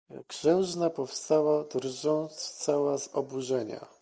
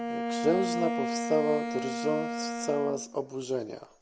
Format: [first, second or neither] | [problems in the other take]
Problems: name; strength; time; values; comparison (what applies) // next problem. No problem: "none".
first | background sound (Bowed string instrument); 2 dB below the speech